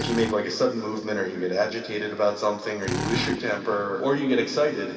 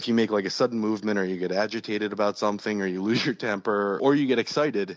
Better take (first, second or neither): second